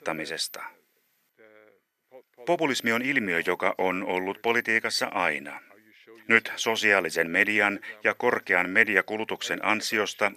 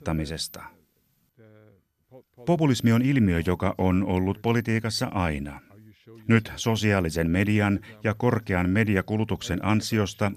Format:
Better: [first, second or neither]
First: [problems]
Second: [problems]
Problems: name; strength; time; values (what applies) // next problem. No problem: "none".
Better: second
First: thin; very; fading below 450 Hz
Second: none